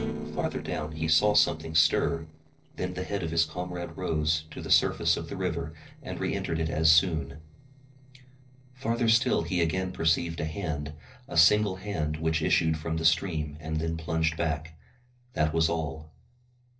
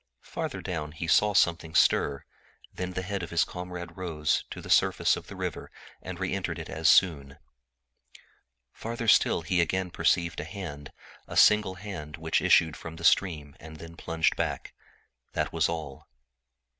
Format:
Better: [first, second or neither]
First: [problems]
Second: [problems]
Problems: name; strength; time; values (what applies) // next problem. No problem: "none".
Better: second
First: noise reduction (neural separator model SepFormer DNS4)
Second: none